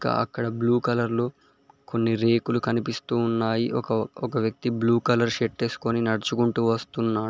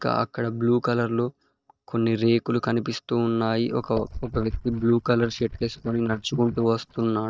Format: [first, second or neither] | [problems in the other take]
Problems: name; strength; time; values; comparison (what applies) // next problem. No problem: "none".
first | noise reduction (neural mask model DeepFilterNet 3)